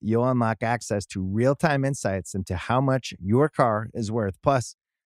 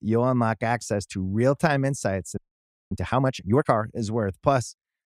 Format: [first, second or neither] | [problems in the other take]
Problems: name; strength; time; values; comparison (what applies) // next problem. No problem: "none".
first | audio freezing; at 2.5 s for 0.5 s